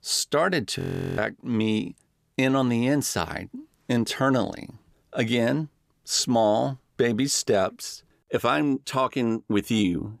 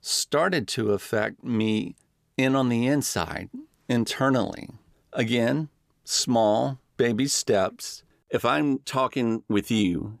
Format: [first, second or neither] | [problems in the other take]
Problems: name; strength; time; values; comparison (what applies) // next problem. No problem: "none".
second | audio freezing; at 1 s